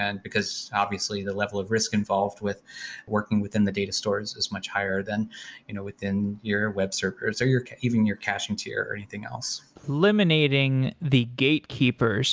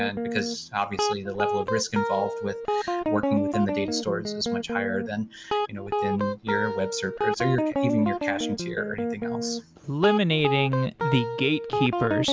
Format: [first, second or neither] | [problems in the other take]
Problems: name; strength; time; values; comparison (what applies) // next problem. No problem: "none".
first | background sound (Guitar); 1 dB below the speech